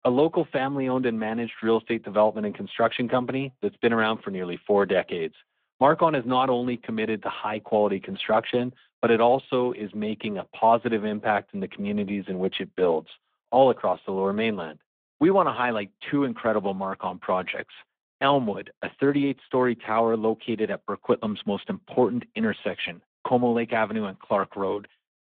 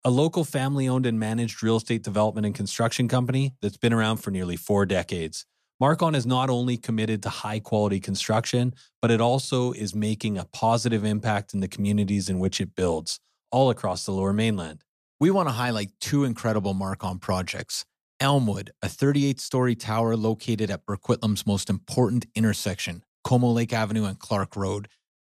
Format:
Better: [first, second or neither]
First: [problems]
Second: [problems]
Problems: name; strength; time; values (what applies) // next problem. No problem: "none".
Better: second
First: phone-call audio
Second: none